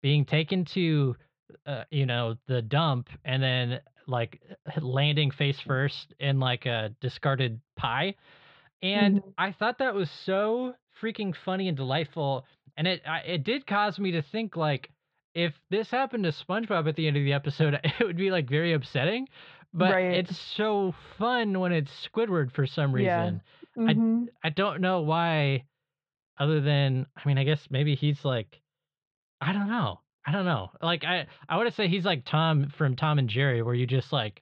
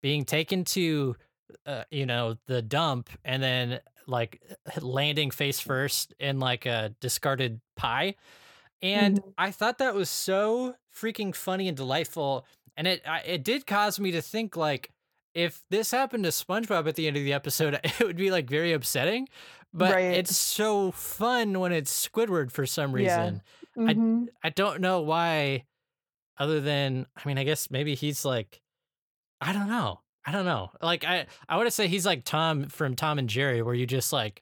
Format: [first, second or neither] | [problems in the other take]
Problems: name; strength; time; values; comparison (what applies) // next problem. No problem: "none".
second | muffled; slightly; fading above 4 kHz